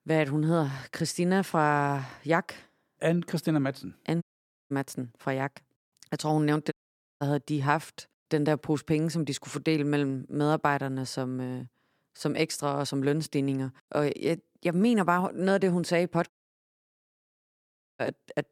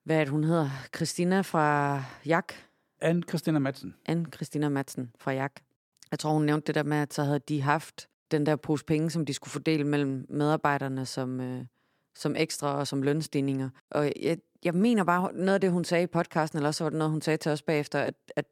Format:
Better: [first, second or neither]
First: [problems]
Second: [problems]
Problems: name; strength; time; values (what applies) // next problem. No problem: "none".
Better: second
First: audio cutting out; at 4 s, at 6.5 s and at 16 s for 1.5 s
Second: none